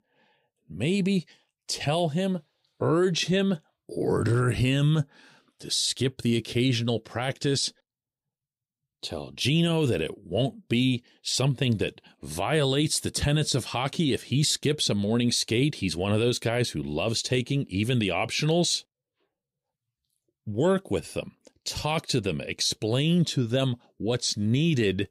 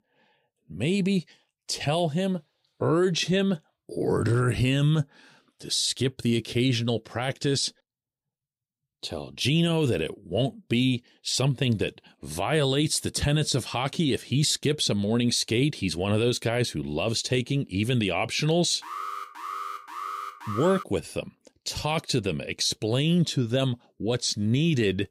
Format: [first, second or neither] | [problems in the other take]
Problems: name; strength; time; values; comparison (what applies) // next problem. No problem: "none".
first | alarm; noticeable; from 19 to 21 s; peak 8 dB below the speech